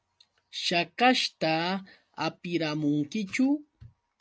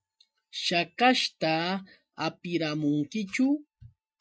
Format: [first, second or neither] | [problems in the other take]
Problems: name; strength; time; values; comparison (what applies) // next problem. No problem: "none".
first | noise reduction (classical method Wiener filter)